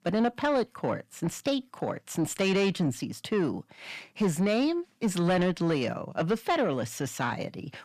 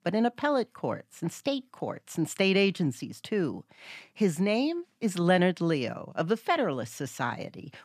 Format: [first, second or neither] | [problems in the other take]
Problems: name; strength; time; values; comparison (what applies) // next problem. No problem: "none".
second | distortion; slight; 10 dB below the speech